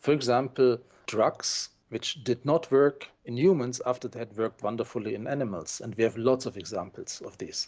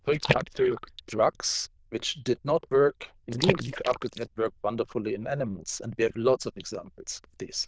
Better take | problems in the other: first | noise reduction (neural diffusion model UNIVERSE++)

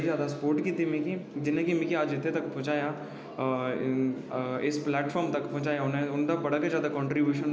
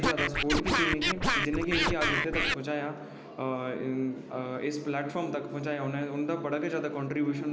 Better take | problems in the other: first | background sound (Scratching (performance technique)); 3 dB above the speech

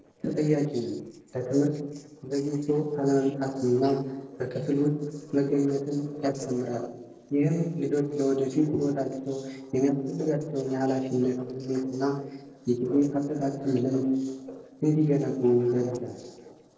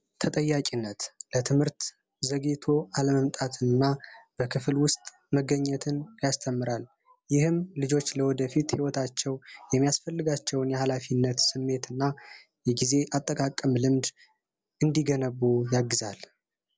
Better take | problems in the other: second | noise reduction (neural separator model SepFormer DNS4)

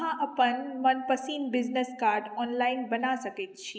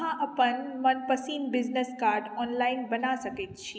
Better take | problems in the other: second | noise reduction (neural mask model Resemble Enhance denoiser)

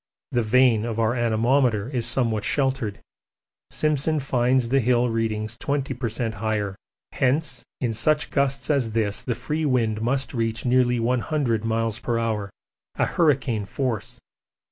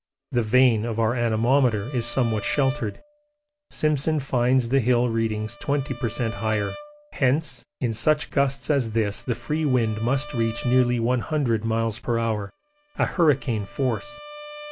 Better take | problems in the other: first | background sound (Bowed string instrument); 19 dB below the speech

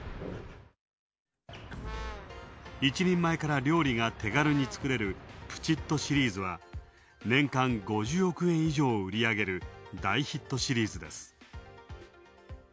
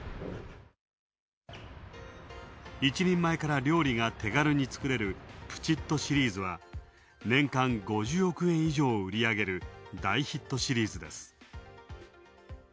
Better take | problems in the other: second | background sound (Brass instrument + Door / Wood); 14 dB below the speech

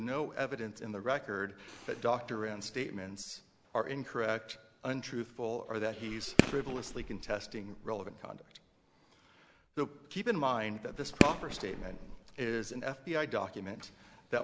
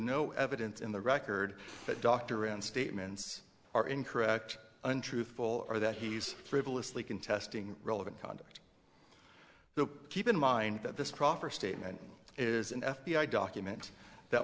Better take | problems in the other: second | background sound (Fireworks); 3 dB above the speech

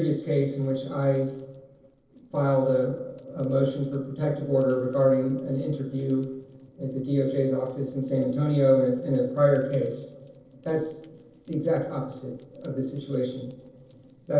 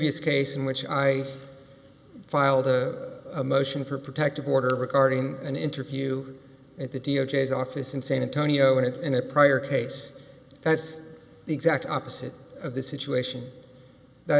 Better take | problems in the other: second | noise reduction (neural separator model SepFormer DNS4)

